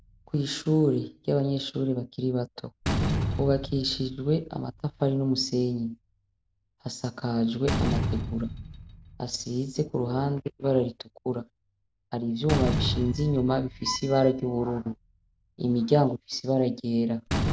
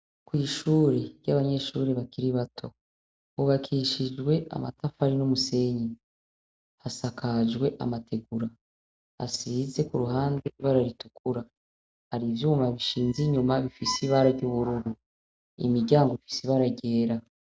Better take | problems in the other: second | background sound (Slam); 7 dB below the speech

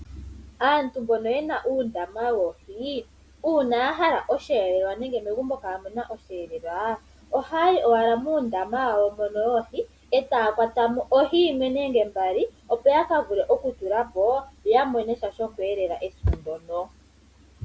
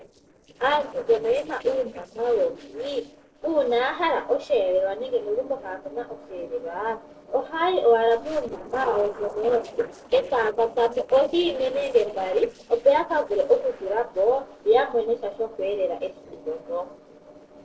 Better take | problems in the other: first | noise reduction (neural separator model SepFormer DNS4)

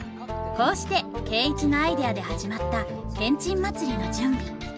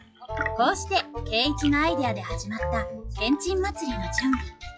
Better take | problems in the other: first | noise reduction (classical method log-MMSE)

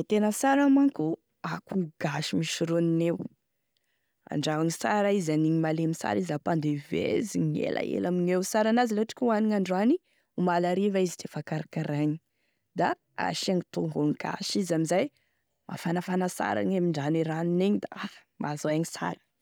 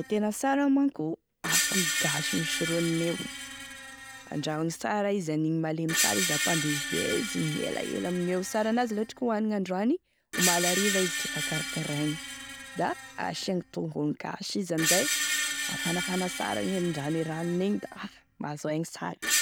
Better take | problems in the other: first | background sound (Screech); 3 dB below the speech

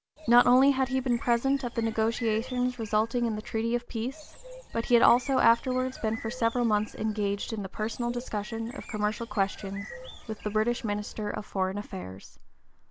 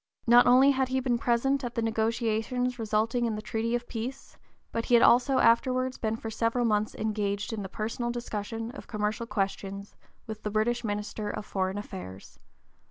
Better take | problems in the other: second | background sound (Bird); 18 dB below the speech

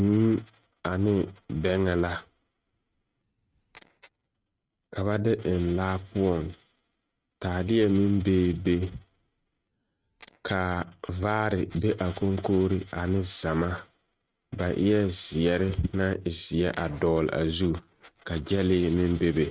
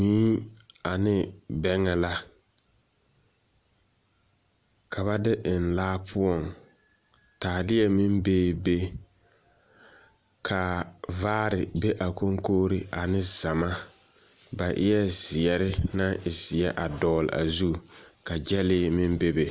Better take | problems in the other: second | noise reduction (neural mask model RNNoise)

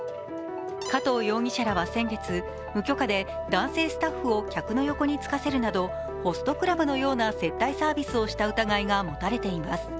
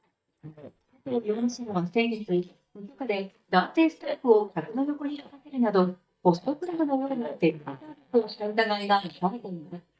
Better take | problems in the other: first | noise reduction (neural mask model DeepFilterNet 3)

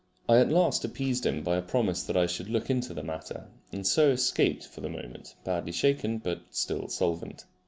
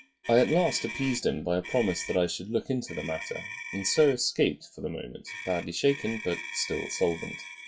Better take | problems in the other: first | noise reduction (classical method WPE with log-MMSE)

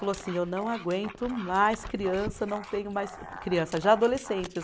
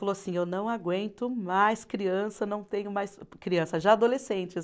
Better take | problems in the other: second | background sound (Dog); 14 dB below the speech

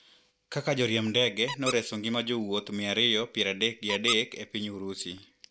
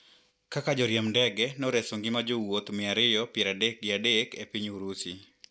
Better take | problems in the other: second | background sound (Squeak); 12 dB below the speech

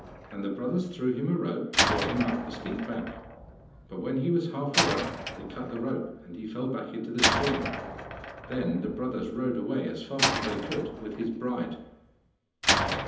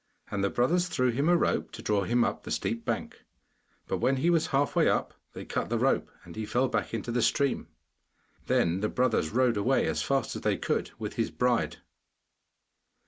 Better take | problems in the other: second | background sound (Slam); 1 dB below the speech // room echo; dies away in 0.9 s

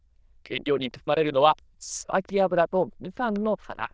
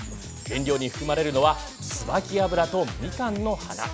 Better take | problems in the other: second | noise reduction (neural diffusion model UNIVERSE++)

